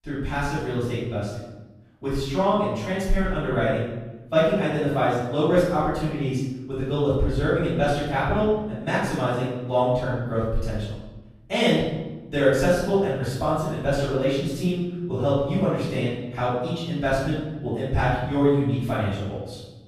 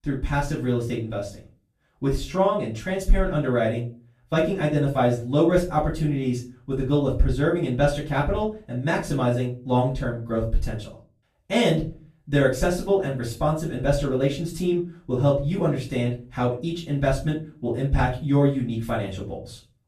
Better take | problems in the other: second | room echo; strong; dies away in 1 s; slight in the second // off-mic speech; far; far in the second

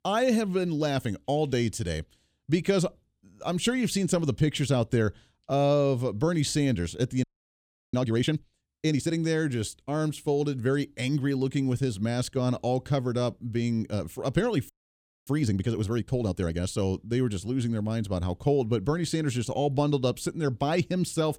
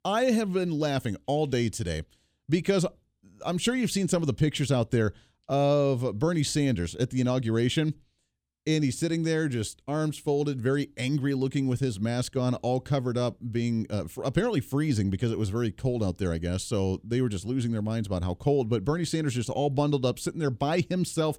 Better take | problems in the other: second | audio freezing; at 7 s for 0.5 s and at 15 s for 0.5 s

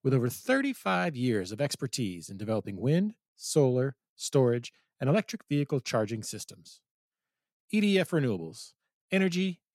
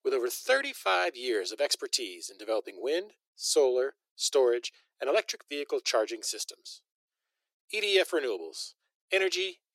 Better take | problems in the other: first | thin; very; fading below 350 Hz

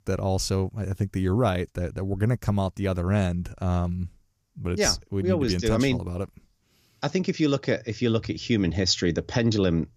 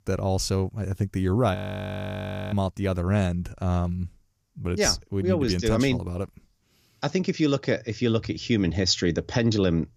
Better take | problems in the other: first | audio freezing; at 1.5 s for 1 s

